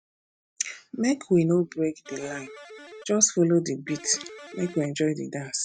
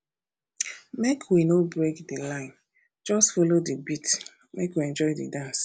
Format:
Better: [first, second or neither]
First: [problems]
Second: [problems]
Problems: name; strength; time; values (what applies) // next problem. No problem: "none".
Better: second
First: noise reduction (classical method spectral subtraction)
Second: none